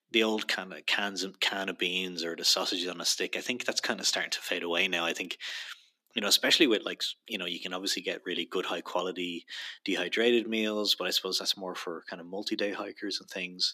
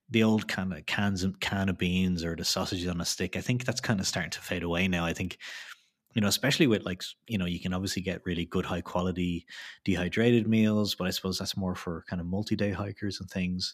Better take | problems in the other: second | thin; somewhat; fading below 300 Hz

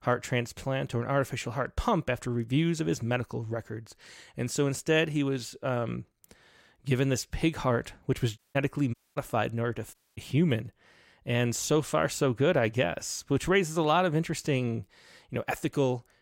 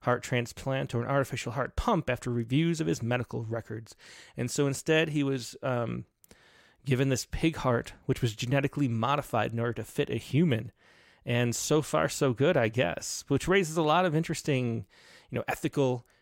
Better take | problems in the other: second | audio cutting out; at 8.5 s, at 9 s and at 10 s

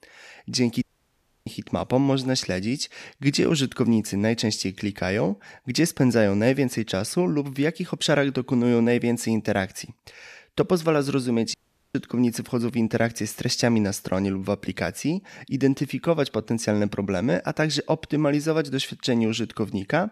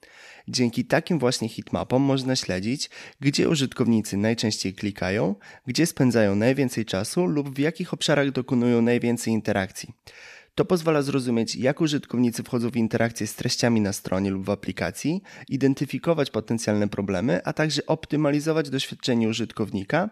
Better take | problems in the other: second | audio cutting out; at 1 s for 0.5 s and at 12 s

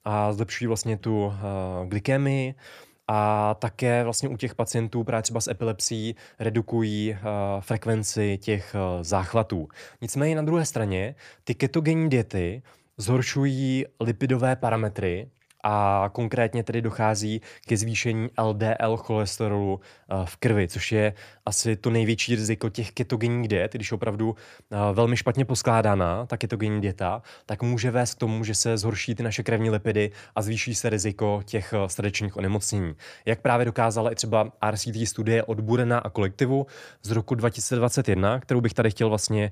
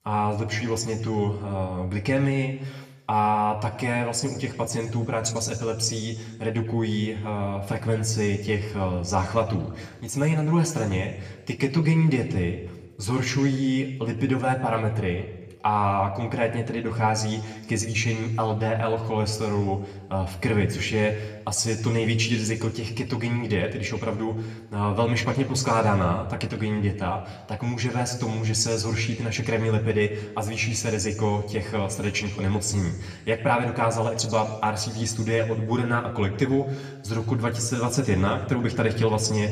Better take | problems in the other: first | room echo; very slight; dies away in 1 s

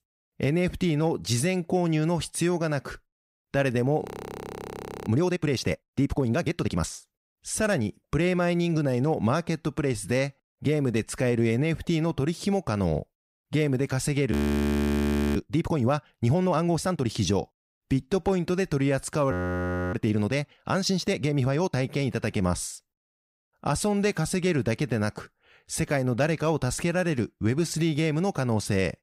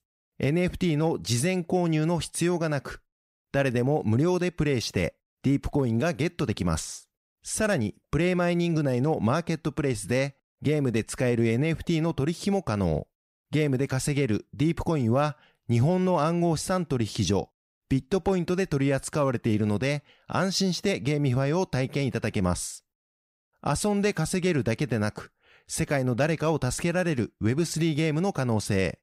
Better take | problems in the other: second | audio freezing; at 4 s for 1 s, at 14 s for 1 s and at 19 s for 0.5 s

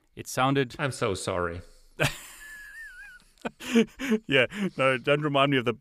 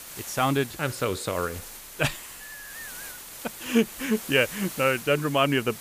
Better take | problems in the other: first | hiss; noticeable; throughout; 15 dB below the speech

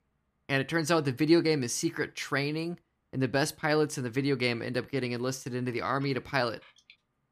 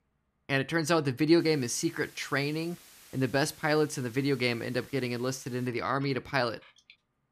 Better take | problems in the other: first | hiss; faint; from 1.5 to 5.5 s; 25 dB below the speech

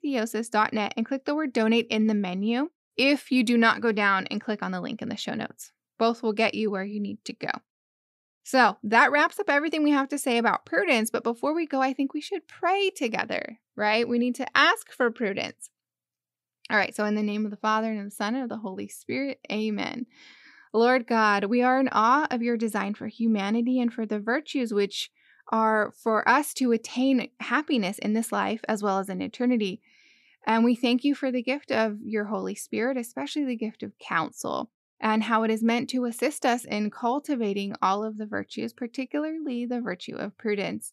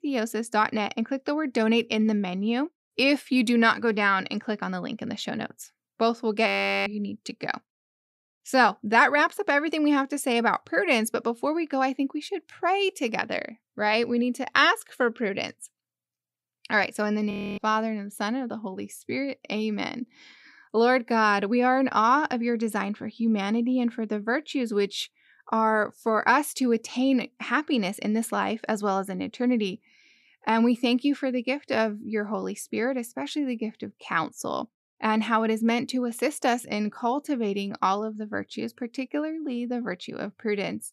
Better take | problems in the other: first | audio freezing; at 6.5 s and at 17 s

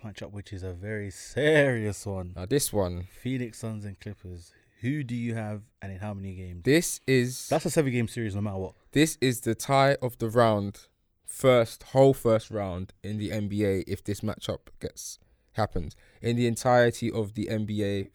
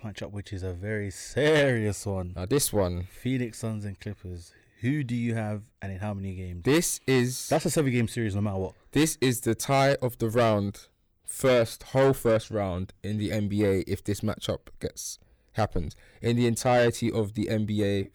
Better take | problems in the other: first | distortion; slight; 10 dB below the speech

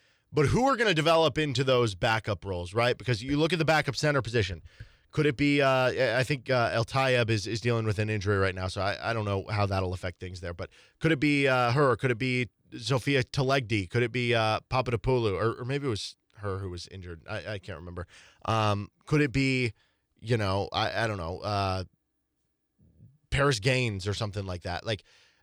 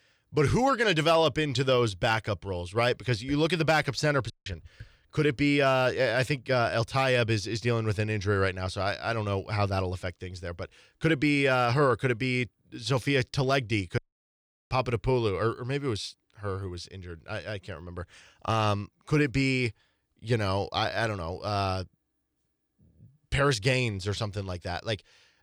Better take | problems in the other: first | audio cutting out; at 4.5 s and at 14 s for 0.5 s

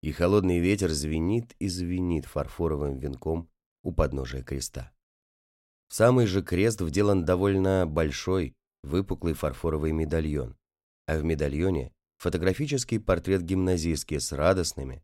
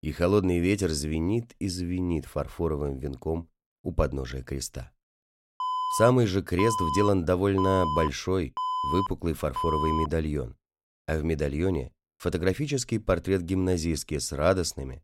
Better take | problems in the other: first | alarm; noticeable; from 5.5 to 10 s; peak 1 dB below the speech

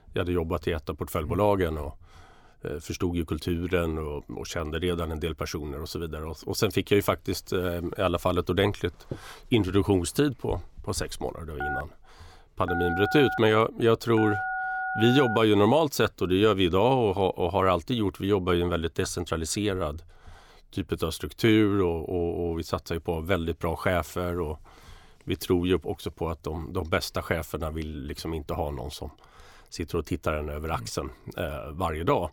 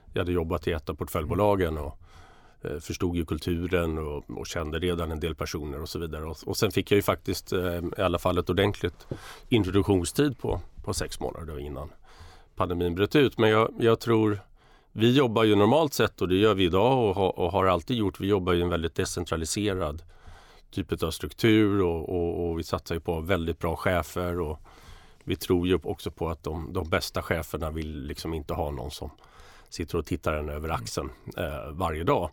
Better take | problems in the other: second | phone ringing; noticeable; from 12 to 15 s; peak 3 dB below the speech

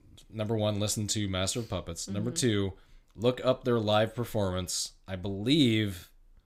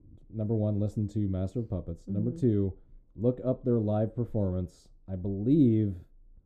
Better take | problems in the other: first | muffled; very; fading above 1 kHz

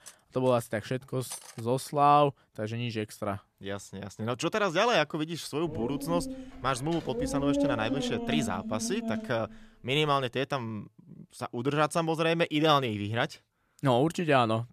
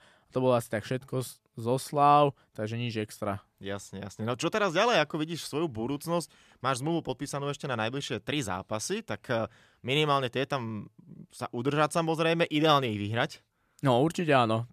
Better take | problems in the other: second | clattering dishes; faint; until 1.5 s; peak 10 dB below the speech // dog barking; loud; from 5.5 to 9.5 s; peak 1 dB above the speech

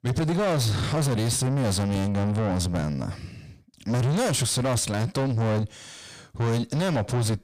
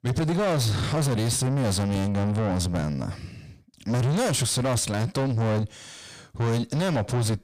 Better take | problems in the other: neither | distortion; heavy; 7 dB below the speech; the same in both

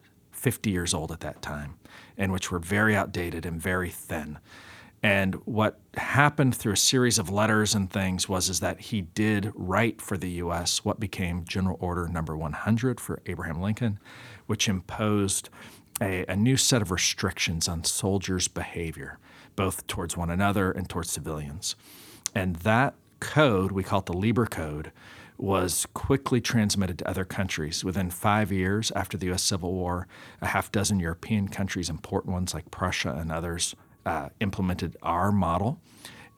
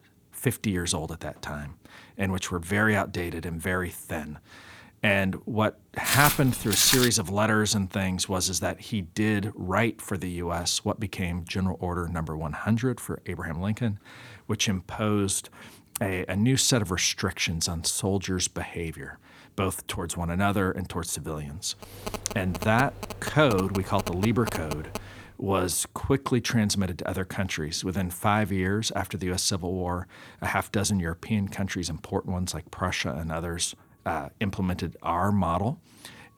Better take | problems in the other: first | footsteps; loud; from 6 to 7 s; peak 5 dB above the speech // phone ringing; noticeable; from 22 to 25 s; peak 7 dB below the speech

